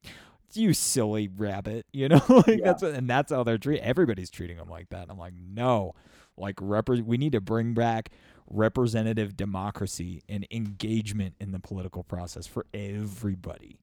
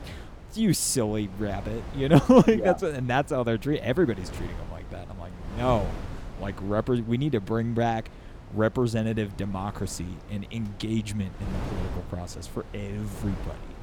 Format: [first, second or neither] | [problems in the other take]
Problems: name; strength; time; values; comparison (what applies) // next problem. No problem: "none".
first | wind noise on the microphone; occasional gusts; 20 dB below the speech